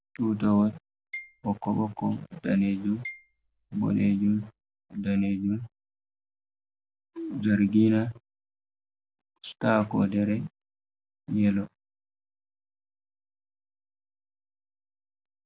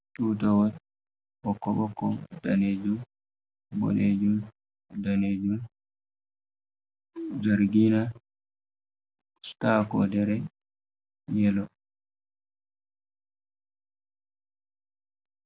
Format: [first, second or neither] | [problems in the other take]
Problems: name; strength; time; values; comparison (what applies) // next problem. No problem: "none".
second | background sound (Marimba, xylophone); 18 dB below the speech